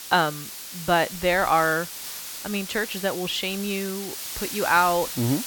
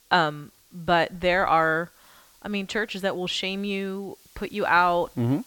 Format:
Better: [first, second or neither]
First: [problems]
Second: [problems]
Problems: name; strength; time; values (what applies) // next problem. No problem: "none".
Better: second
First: hiss; loud; throughout; 9 dB below the speech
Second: hiss; faint; throughout; 30 dB below the speech